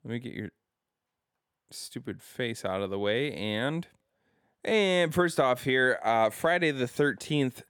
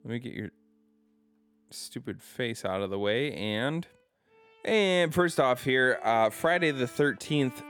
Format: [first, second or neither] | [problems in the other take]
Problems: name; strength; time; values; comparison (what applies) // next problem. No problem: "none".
first | background music; faint; throughout; 25 dB below the speech